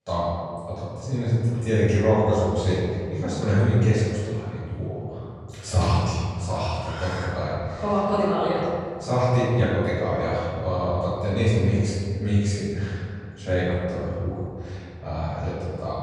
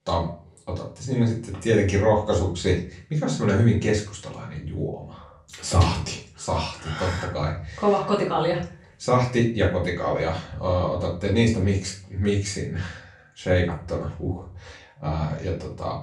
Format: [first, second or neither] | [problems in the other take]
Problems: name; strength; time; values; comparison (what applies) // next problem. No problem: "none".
second | room echo; strong; dies away in 2.2 s; slight in the second // off-mic speech; far; far in the second